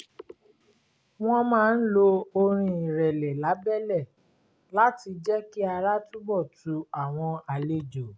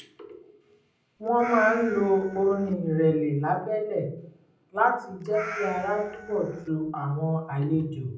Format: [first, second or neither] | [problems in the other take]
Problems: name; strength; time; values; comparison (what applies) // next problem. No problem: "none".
first | background sound (Meow); 13 dB below the speech // room echo; dies away in 0.6 s